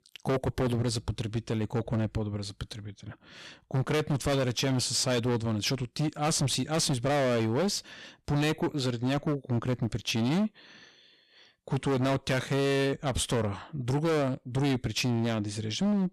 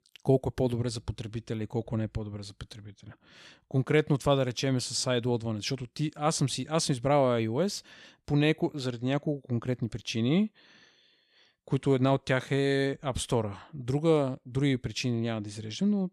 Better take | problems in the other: second | distortion; heavy; 18% of the sound clipped

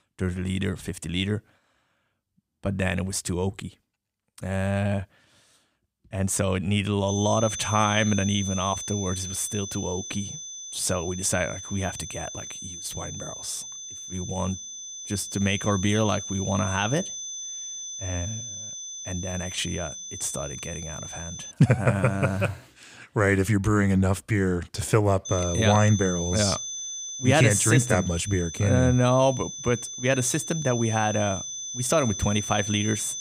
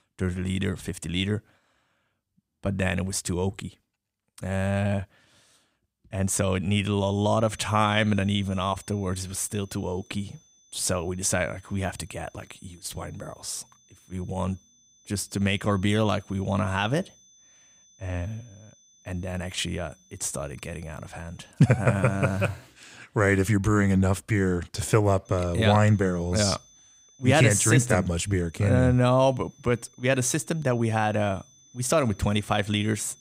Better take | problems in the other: second | high-pitched whine; loud; from 7 to 22 s and from 25 s on; 6 kHz, 8 dB below the speech; faint in the second

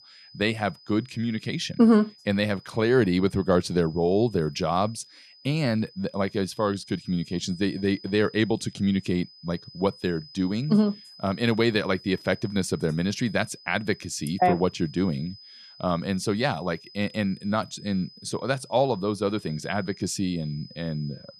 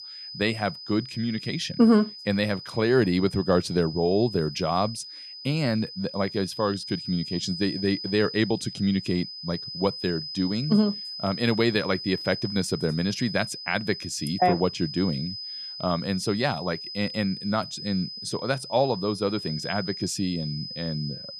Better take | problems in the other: first | high-pitched whine; loud; throughout; 5 kHz, 9 dB below the speech; faint in the first

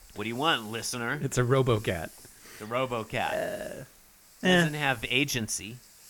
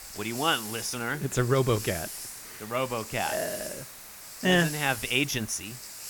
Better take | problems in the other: first | hiss; loud; throughout; 10 dB below the speech; faint in the first

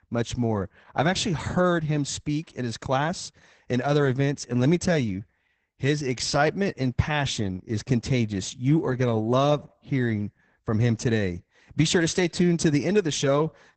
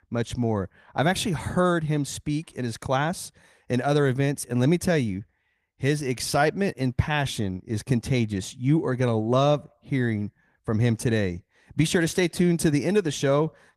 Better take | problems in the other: second | garbled, watery; badly; nothing above 8 kHz; slightly in the second

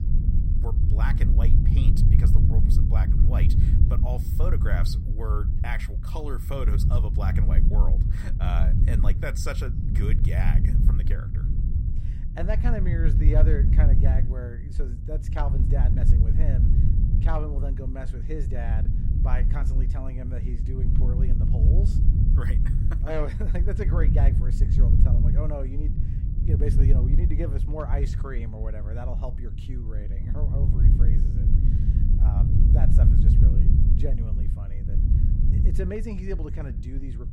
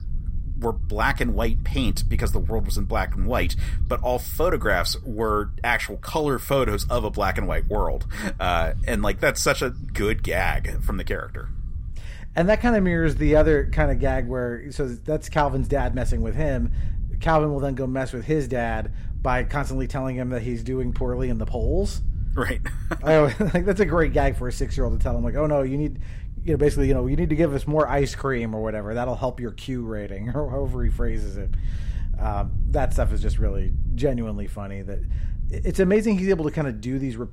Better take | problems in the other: second | low rumble; loud; throughout; 2 dB below the speech; faint in the second

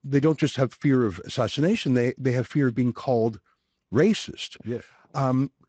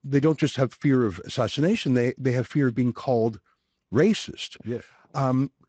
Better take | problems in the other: neither | garbled, watery; slightly; nothing above 8 kHz; the same in both

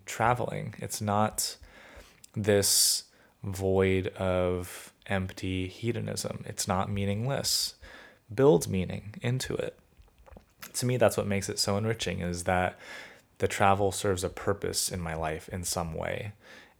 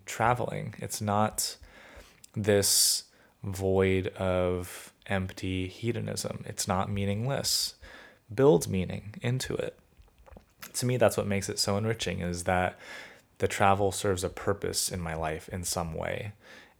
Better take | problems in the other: neither | none

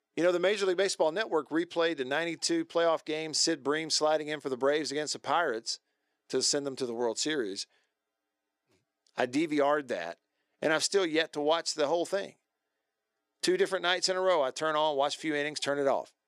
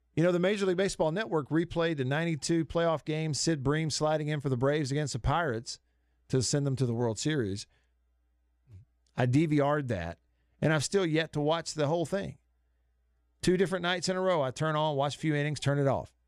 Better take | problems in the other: second | thin; somewhat; fading below 350 Hz

